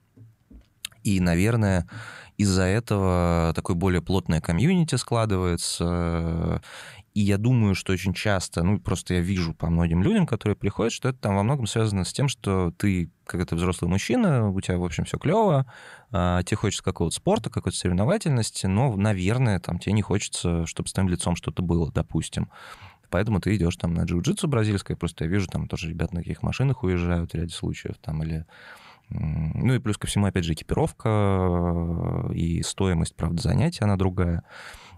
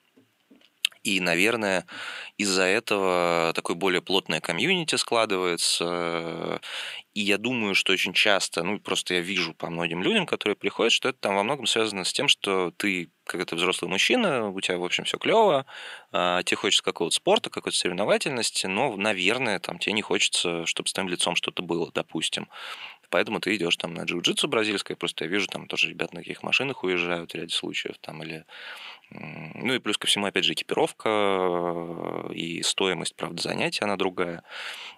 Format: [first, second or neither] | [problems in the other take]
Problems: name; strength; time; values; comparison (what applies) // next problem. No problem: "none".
first | thin; somewhat; fading below 300 Hz